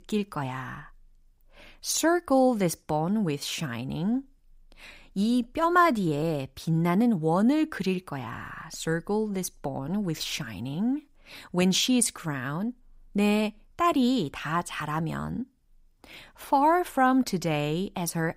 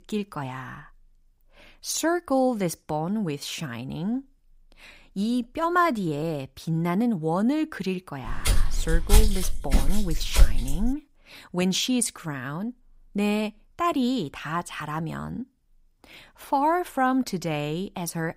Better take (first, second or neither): first